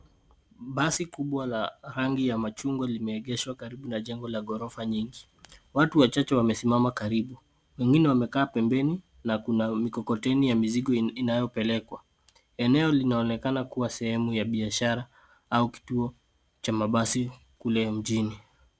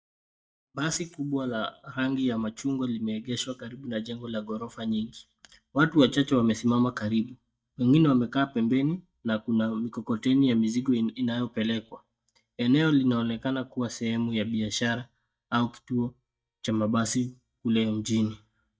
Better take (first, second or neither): first